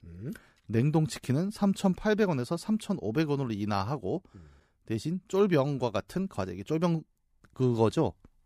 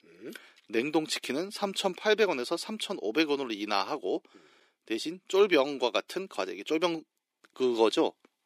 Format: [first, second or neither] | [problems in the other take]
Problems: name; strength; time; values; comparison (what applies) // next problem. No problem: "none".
first | thin; somewhat; fading below 300 Hz